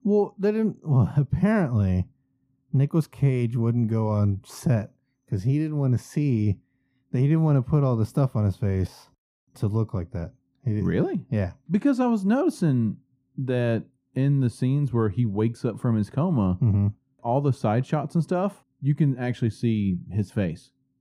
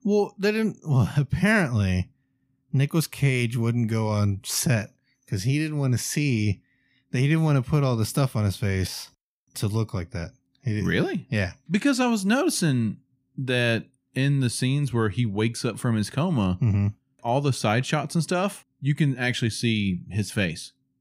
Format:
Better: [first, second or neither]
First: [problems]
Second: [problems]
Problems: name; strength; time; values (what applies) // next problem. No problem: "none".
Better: second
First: muffled; slightly; fading above 1.5 kHz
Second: none